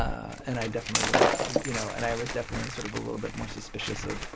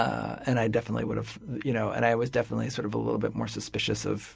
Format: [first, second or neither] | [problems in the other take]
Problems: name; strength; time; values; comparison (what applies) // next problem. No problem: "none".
second | background sound (Tearing + Shatter); 3 dB above the speech